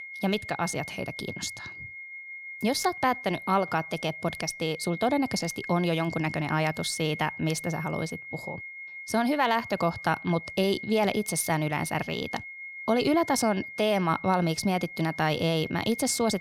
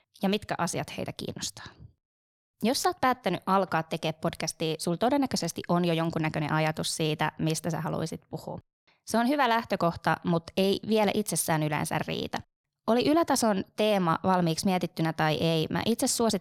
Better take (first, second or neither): second